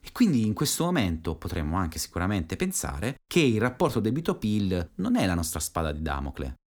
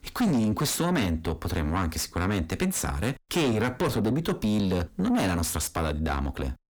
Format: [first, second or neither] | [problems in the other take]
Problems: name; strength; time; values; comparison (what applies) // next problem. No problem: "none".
first | distortion; heavy; 7 dB below the speech